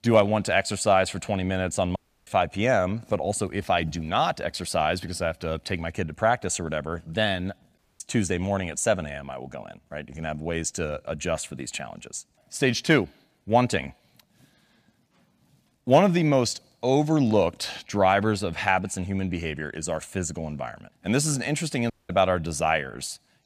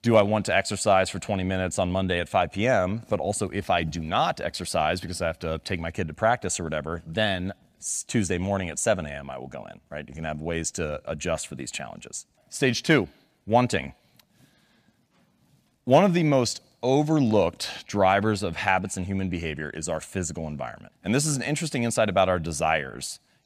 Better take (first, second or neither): second